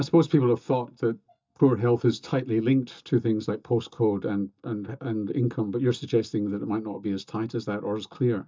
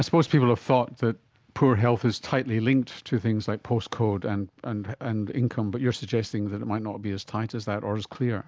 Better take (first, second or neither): second